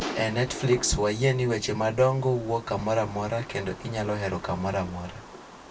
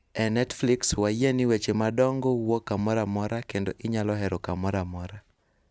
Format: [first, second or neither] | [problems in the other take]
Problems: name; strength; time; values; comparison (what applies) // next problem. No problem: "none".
second | background sound (Fireworks); 14 dB below the speech // room echo; dies away in 0.1 s